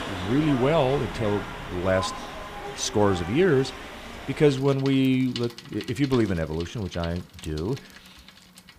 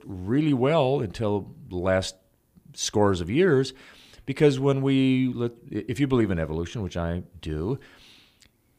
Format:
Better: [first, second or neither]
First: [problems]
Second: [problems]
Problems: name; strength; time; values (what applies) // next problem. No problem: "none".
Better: second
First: traffic noise; noticeable; throughout; 10 dB below the speech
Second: none